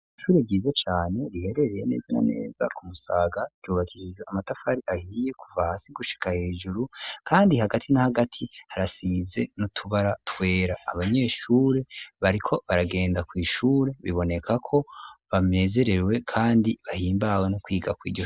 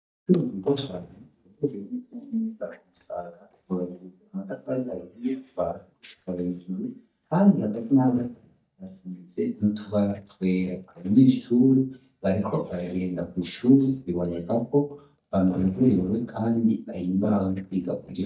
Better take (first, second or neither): first